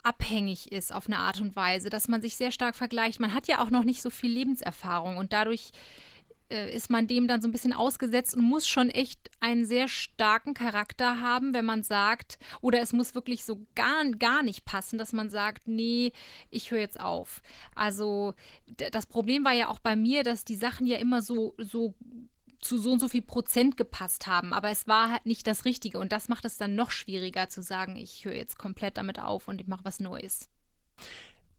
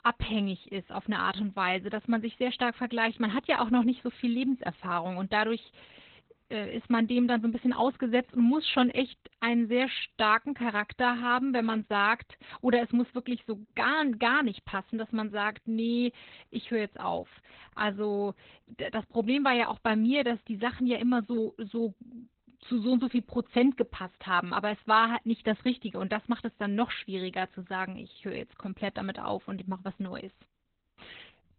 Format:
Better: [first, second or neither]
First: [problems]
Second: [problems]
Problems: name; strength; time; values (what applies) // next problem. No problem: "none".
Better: first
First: garbled, watery; slightly; nothing above 19 kHz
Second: garbled, watery; badly; nothing above 4 kHz